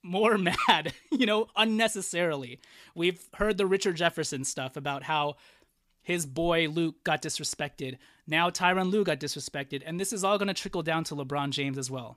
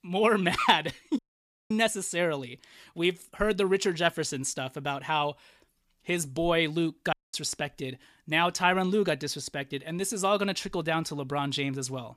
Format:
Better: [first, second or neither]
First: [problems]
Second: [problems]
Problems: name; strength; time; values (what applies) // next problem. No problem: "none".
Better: first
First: none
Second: audio cutting out; at 1 s for 0.5 s and at 7 s